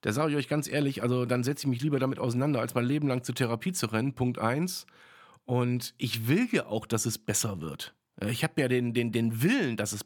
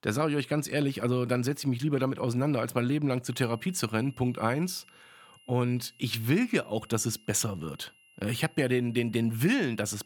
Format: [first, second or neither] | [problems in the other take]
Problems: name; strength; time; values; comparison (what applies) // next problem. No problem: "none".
first | high-pitched whine; faint; from 3.5 s on; 3 kHz, 30 dB below the speech